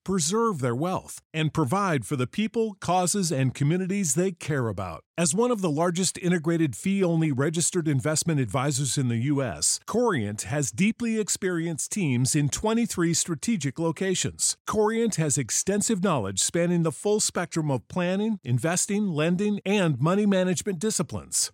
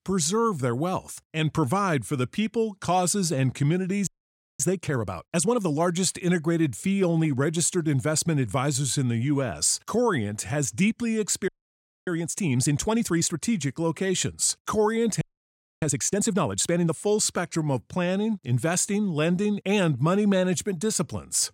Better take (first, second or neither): first